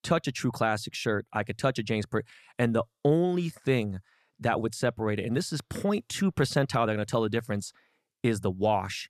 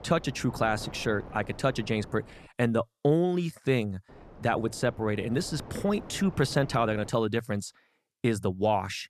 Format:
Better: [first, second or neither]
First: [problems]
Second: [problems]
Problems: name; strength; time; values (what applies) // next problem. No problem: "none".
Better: first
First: none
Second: wind noise on the microphone; occasional gusts; until 2.5 s and from 4 to 7 s; 20 dB below the speech